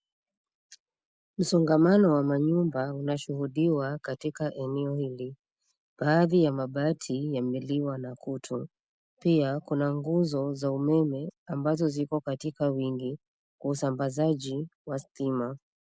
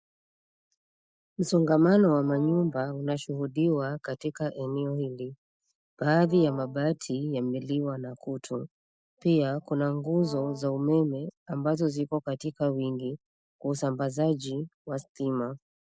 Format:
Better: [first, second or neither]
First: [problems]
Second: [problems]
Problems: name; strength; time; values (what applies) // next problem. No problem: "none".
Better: first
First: none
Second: noise reduction (neural mask model DeepFilterNet 3)